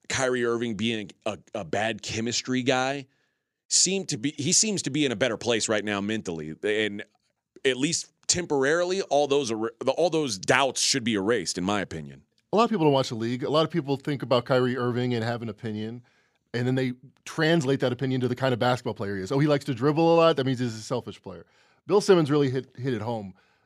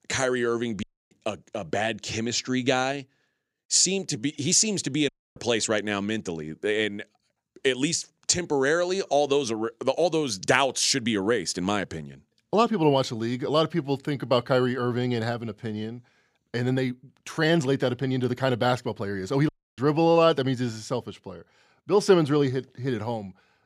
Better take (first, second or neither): first